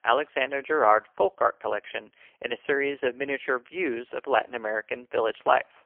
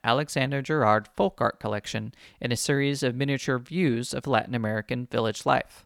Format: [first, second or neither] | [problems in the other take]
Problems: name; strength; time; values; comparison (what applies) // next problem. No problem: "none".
second | phone-call audio; poor line; nothing above 3 kHz